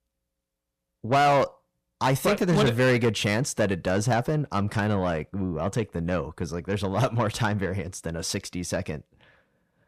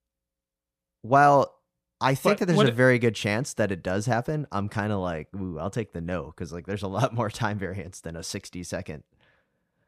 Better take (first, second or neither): second